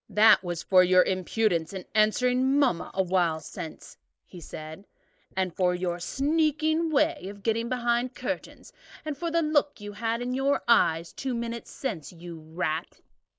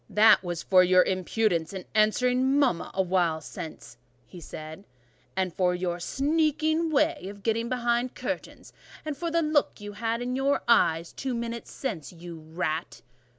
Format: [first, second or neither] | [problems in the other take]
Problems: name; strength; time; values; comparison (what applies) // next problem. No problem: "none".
second | noise reduction (neural mask model Resemble Enhance denoiser)